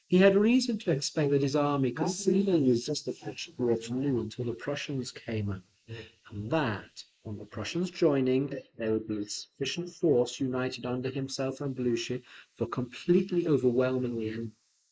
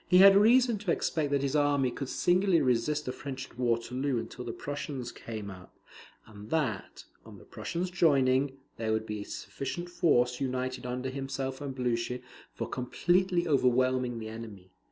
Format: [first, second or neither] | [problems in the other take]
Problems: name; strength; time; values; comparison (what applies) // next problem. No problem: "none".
second | noise reduction (neural mask model Resemble Enhance denoiser)